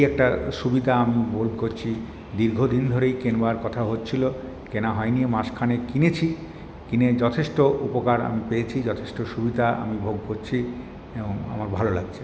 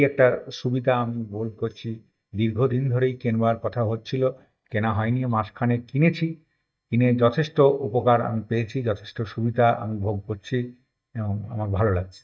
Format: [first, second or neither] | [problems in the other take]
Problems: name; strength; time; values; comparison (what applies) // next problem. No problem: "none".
first | noise reduction (neural mask model DeepFilterNet 3)